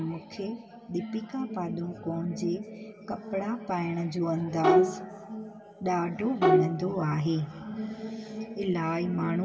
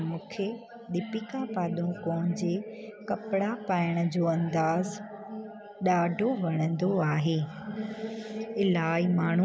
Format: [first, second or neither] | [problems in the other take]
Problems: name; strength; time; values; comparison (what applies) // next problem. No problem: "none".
second | background sound (Bowed string instrument); 5 dB above the speech // room echo; dies away in 2.5 s